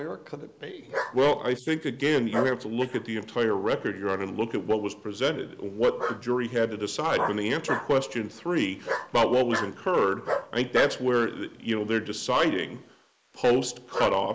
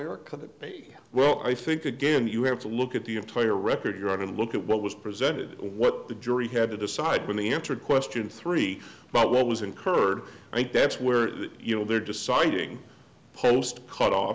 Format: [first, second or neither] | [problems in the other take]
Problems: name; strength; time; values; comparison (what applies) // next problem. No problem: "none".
second | noise reduction (neural mask model Resemble Enhance denoiser)